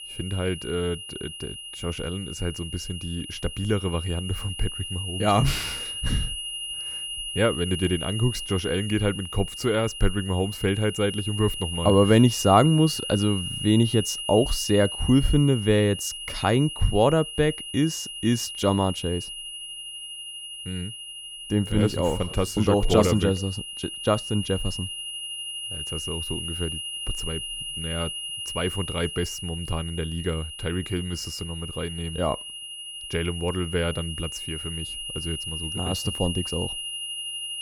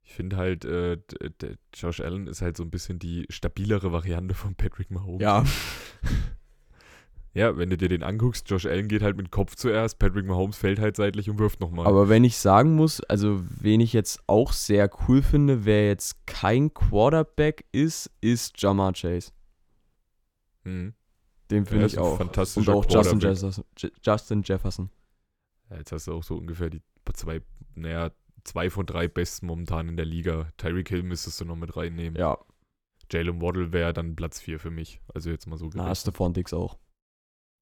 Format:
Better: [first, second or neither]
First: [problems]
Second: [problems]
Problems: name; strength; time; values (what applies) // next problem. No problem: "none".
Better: second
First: high-pitched whine; loud; throughout; 3 kHz, 7 dB below the speech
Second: none